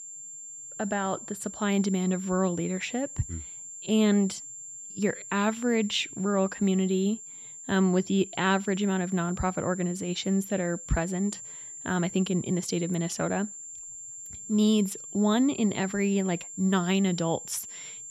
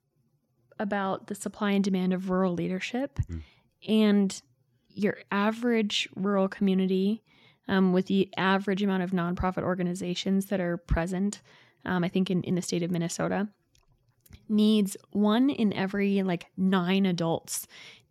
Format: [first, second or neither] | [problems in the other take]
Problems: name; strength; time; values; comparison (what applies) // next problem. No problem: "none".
second | high-pitched whine; noticeable; throughout; 7.5 kHz, 10 dB below the speech